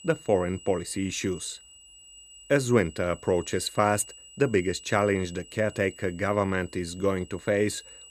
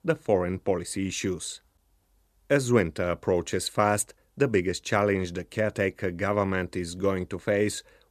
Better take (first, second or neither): second